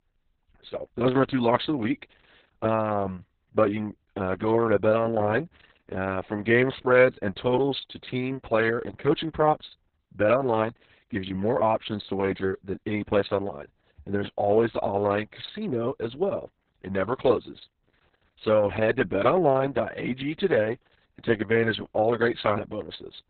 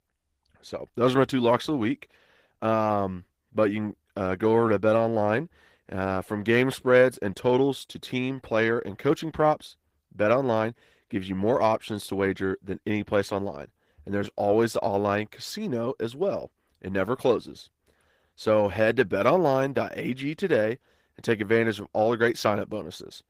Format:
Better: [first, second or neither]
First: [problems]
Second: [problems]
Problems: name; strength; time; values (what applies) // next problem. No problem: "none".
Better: second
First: garbled, watery; badly; nothing above 4 kHz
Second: garbled, watery; slightly; nothing above 15.5 kHz